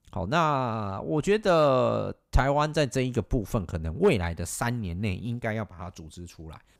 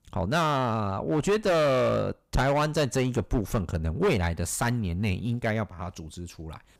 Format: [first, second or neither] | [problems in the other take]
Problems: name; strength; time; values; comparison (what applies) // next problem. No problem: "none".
first | distortion; heavy; 10% of the sound clipped